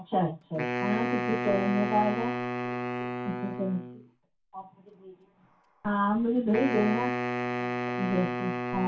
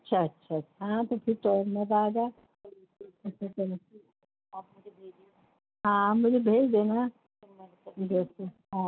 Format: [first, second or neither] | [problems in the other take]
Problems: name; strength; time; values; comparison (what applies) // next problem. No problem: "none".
second | background sound (Wind instrument, woodwind instrument); 3 dB below the speech // room echo; dies away in 0.2 s